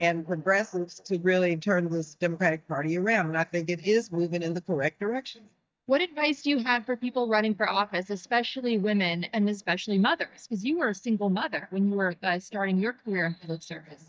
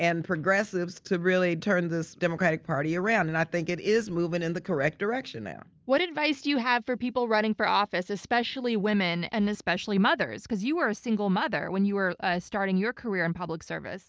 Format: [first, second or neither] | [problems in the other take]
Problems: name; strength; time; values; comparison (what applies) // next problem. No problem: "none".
second | noise reduction (neural mask model DeepFilterNet 3)